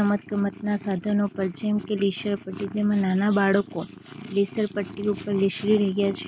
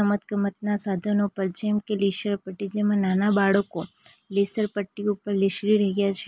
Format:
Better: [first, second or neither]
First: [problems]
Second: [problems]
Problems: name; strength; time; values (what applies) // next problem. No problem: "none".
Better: second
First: background sound (Purr); 15 dB below the speech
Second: none